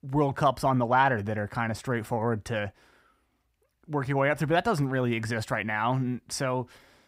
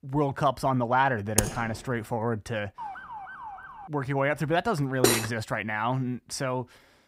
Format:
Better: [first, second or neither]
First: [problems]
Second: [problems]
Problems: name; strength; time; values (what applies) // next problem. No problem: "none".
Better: first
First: none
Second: keyboard typing; loud; at 1.5 s; peak 1 dB above the speech // siren; faint; from 3 to 4 s; peak 10 dB below the speech // clattering dishes; loud; at 5 s; peak 4 dB above the speech